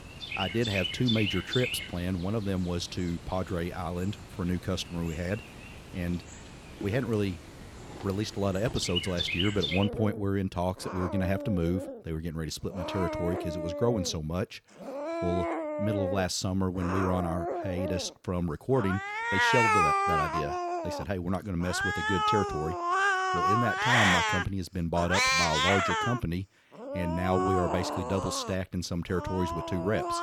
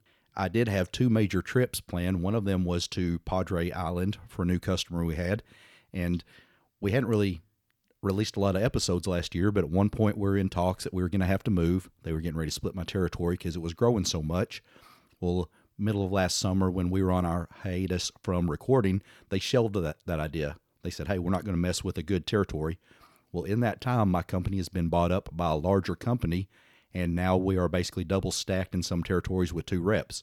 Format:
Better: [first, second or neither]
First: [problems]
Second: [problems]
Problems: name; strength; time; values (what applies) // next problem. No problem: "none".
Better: second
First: animal sounds; very loud; throughout; 2 dB above the speech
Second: none